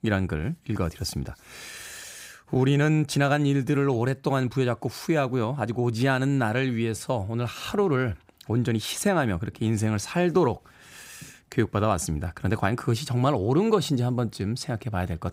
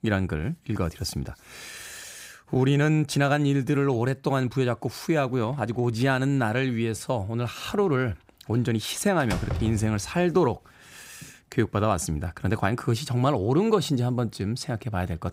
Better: first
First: none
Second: door banging; noticeable; at 9 s; peak 5 dB below the speech

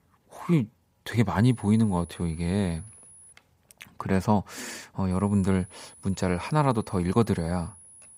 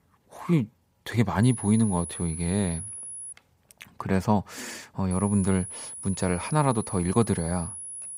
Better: first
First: high-pitched whine; faint; from 1.5 to 3.5 s and from 5 s on; 10.5 kHz, 20 dB below the speech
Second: high-pitched whine; loud; from 1.5 to 3.5 s and from 5 s on; 10.5 kHz, 9 dB below the speech

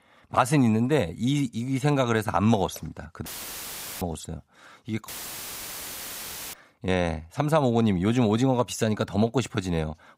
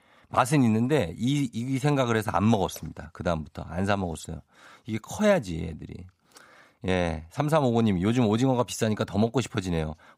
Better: second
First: audio cutting out; filled with static; at 3.5 s for 1 s and at 5 s for 1.5 s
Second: none

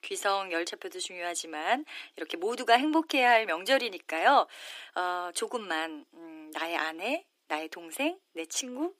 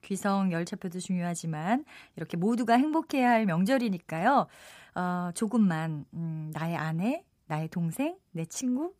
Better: second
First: thin; very; fading below 300 Hz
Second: none

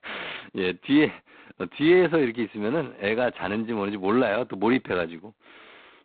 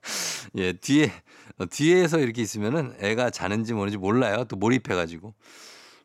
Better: second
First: phone-call audio; poor line; nothing above 4 kHz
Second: none

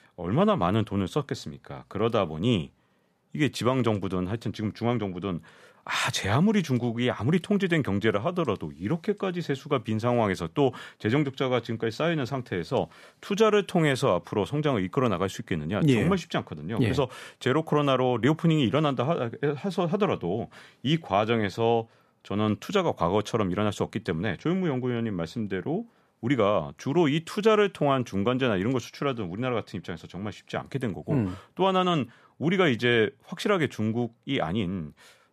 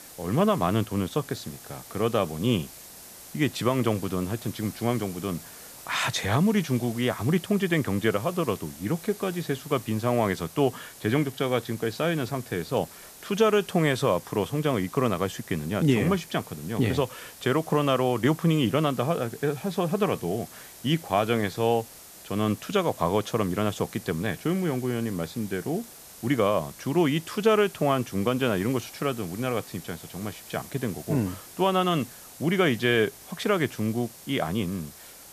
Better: first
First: none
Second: hiss; noticeable; throughout; 15 dB below the speech

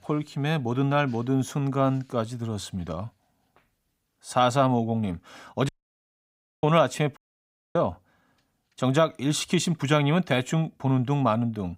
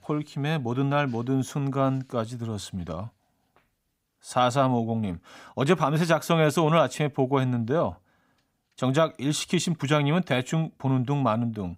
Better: second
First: audio cutting out; at 5.5 s for 1 s and at 7 s for 0.5 s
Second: none

